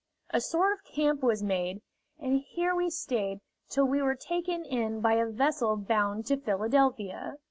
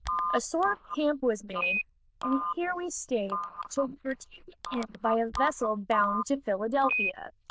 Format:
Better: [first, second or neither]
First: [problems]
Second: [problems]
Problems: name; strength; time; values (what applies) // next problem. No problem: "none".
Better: first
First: none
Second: noise reduction (neural diffusion model UNIVERSE++)